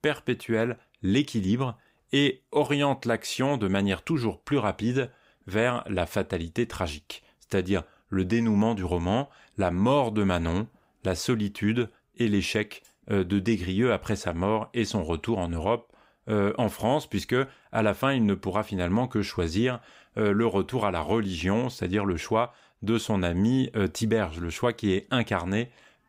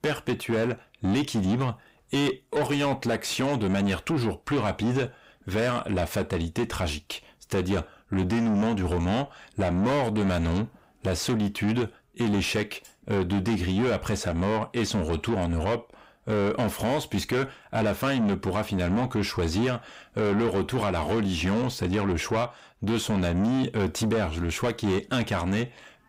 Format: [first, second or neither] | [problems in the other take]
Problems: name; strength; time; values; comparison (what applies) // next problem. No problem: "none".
first | distortion; heavy; 8 dB below the speech